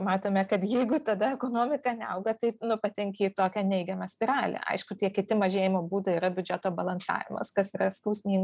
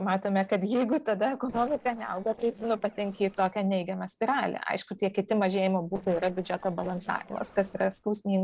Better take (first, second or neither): first